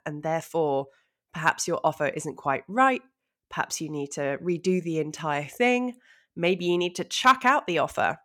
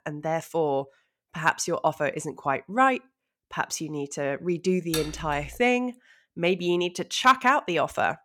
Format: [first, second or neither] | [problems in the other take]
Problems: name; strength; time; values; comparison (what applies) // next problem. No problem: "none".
first | clattering dishes; noticeable; at 5 s; peak 7 dB below the speech